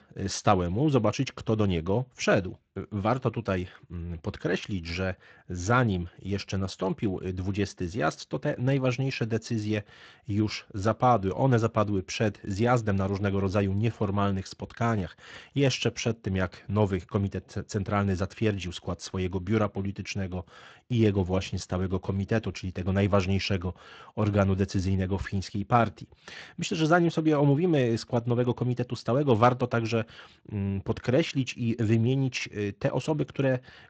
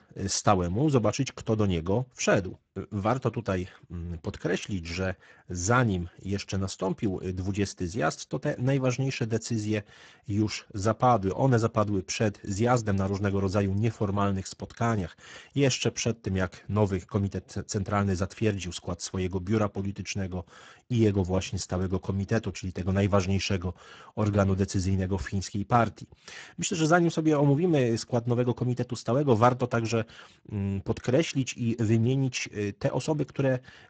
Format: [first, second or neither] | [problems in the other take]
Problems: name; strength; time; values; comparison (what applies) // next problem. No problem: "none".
first | garbled, watery; badly; nothing above 7.5 kHz; slightly in the first